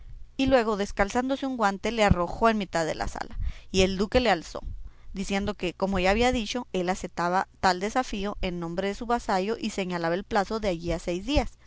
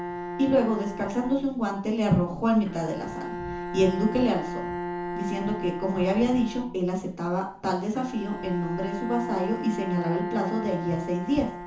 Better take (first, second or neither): first